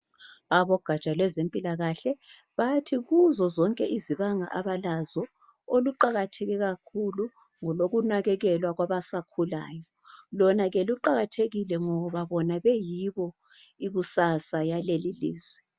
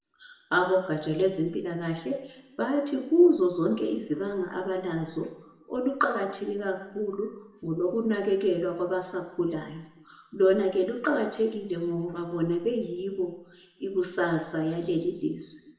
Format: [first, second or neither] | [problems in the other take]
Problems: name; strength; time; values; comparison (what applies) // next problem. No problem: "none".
first | room echo; dies away in 0.9 s